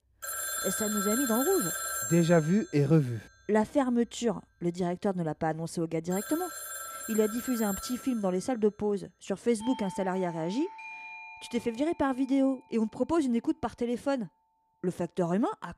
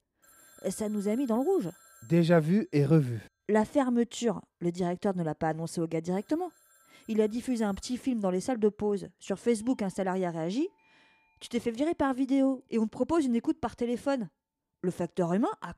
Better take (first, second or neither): second